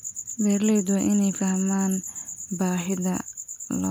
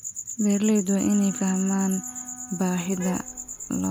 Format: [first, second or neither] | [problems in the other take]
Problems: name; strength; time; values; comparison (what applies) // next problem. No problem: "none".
first | background sound (Wind instrument, woodwind instrument + Traffic noise, roadway noise / Vehicle horn, car horn, honking); 20 dB below the speech